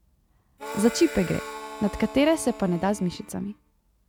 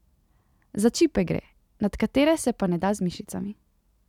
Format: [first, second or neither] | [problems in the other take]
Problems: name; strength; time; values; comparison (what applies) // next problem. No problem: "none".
second | background sound (Harmonica); 12 dB below the speech